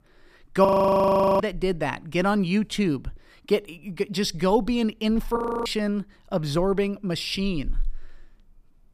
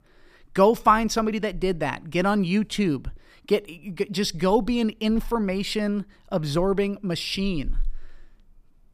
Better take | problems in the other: second | audio freezing; at 0.5 s for 0.5 s and at 5.5 s

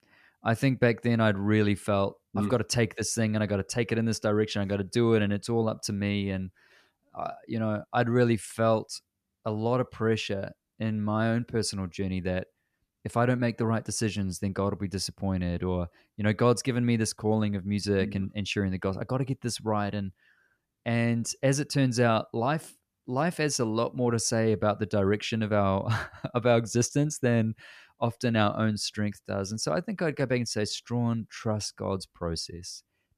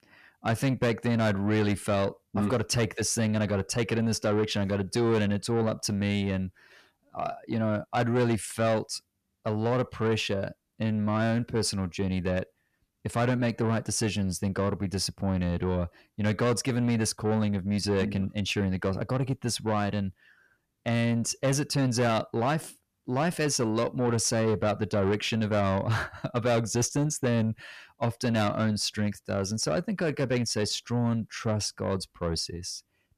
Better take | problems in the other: first | distortion; slight; 10 dB below the speech

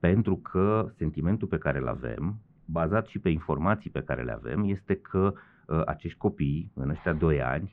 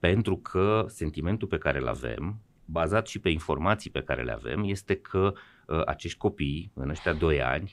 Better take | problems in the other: second | muffled; very; fading above 1.5 kHz

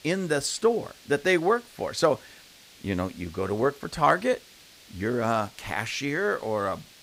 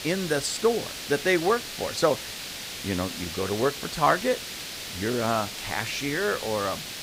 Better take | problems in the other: first | hiss; loud; throughout; 7 dB below the speech; faint in the first

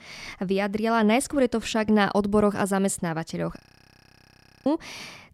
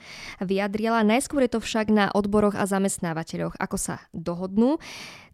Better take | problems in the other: second | audio freezing; at 3.5 s for 1 s

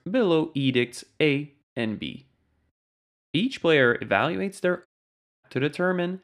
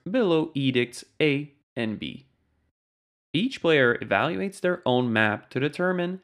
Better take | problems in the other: second | audio cutting out; at 5 s for 0.5 s

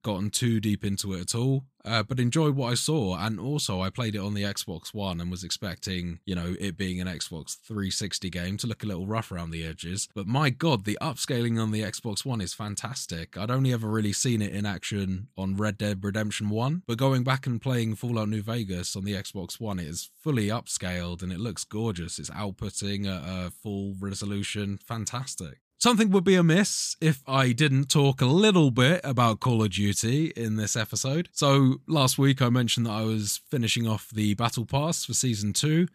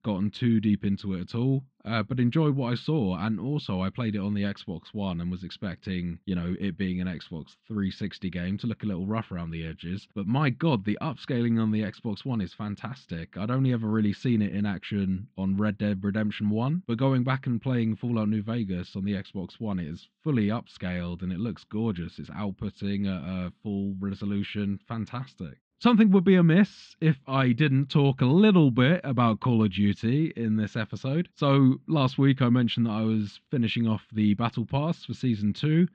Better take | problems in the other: first | muffled; very; fading above 3.5 kHz

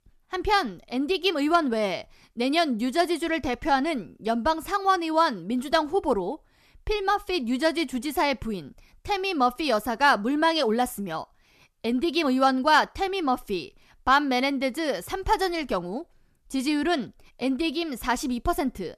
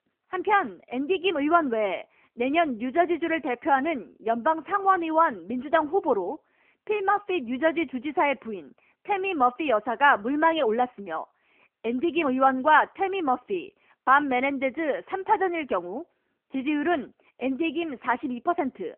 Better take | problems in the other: first | phone-call audio; nothing above 3 kHz

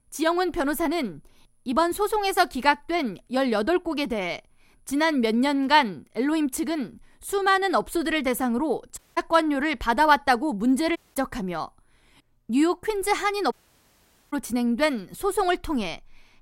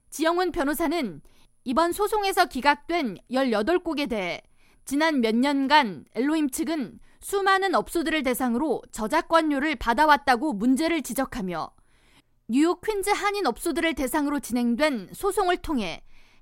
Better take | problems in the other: second | audio cutting out; at 9 s, at 11 s and at 14 s for 1 s

